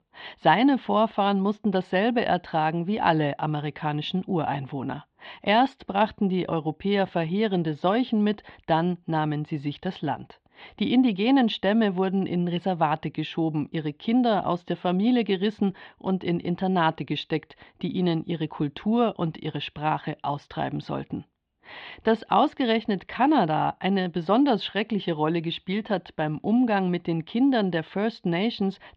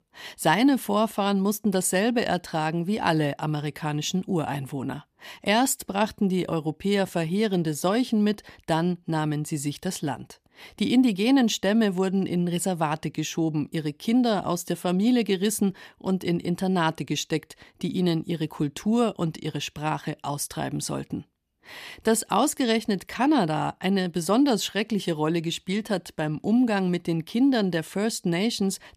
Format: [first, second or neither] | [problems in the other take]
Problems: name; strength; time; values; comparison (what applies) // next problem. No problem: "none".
second | muffled; very; fading above 3.5 kHz